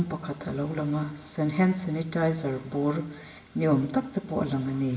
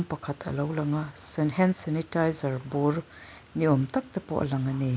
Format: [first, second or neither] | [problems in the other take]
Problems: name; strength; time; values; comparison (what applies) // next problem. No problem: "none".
second | room echo; dies away in 0.8 s